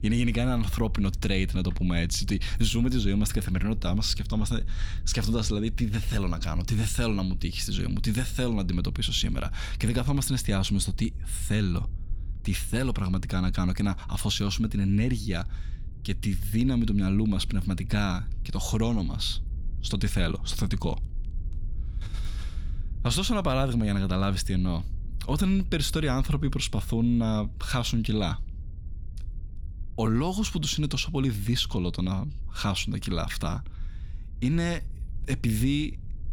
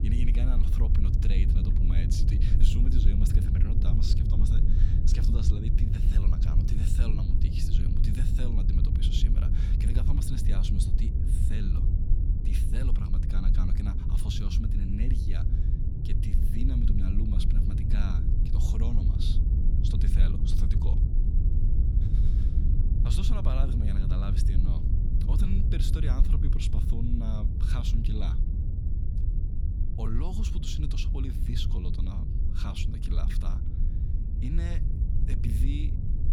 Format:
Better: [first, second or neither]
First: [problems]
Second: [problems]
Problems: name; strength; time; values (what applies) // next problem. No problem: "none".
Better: first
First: low rumble; faint; throughout; 25 dB below the speech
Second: low rumble; loud; throughout; 1 dB below the speech